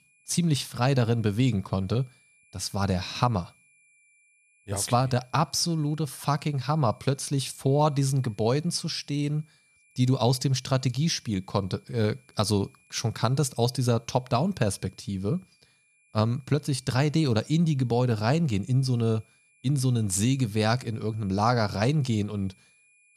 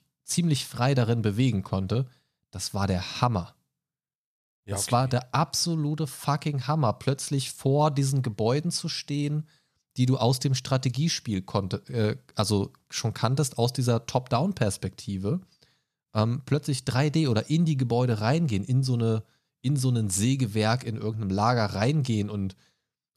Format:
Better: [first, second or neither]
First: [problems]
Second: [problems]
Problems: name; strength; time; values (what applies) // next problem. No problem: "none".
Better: second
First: high-pitched whine; faint; throughout; 2.5 kHz, 35 dB below the speech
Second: none